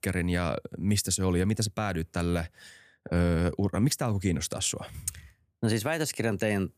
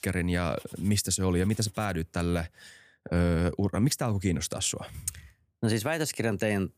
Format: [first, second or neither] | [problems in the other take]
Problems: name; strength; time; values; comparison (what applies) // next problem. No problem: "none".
first | household noises; faint; until 2 s; 25 dB below the speech